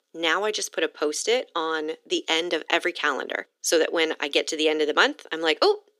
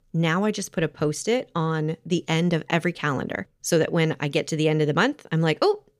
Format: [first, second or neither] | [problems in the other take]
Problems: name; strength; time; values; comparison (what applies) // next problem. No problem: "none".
second | thin; very; fading below 300 Hz